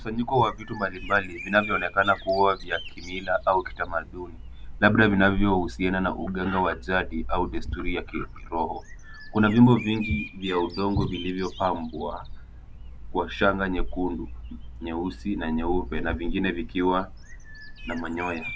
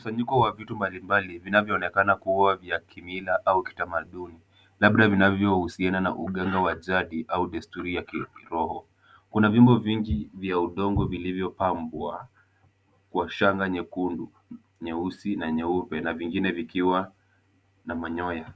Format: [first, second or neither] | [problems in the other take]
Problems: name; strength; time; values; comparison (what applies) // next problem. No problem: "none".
second | background sound (Bird vocalization, bird call, bird song); 9 dB below the speech